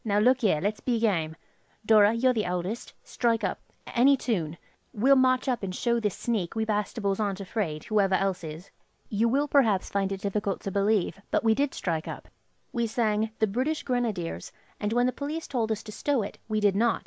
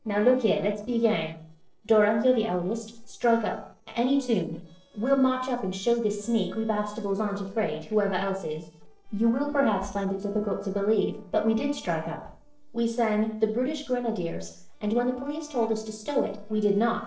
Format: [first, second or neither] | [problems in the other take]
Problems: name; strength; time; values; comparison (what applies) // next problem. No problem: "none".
first | noise reduction (neural separator model SepFormer DNS4)